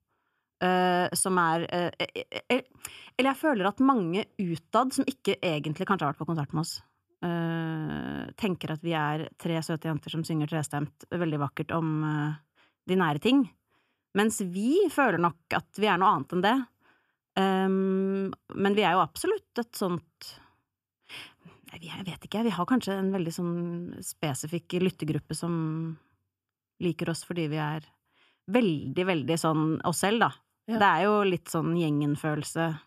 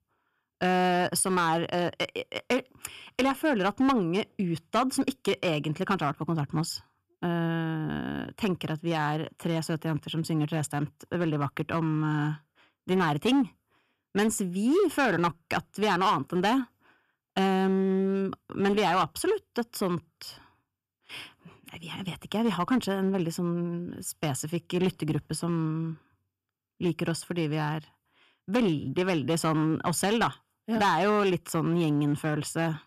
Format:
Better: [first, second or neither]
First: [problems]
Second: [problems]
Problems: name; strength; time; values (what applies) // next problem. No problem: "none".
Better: first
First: none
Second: distortion; slight; 5% of the sound clipped